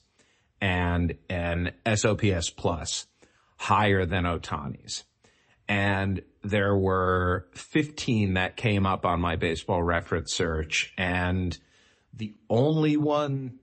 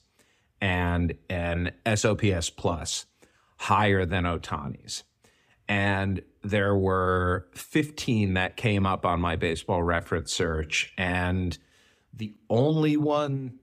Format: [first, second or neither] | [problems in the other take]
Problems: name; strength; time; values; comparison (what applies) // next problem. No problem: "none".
second | garbled, watery; slightly; nothing above 8 kHz